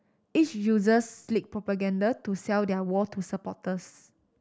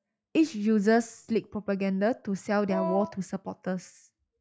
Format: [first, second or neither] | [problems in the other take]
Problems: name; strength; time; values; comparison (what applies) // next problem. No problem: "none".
first | noise reduction (classical method log-MMSE)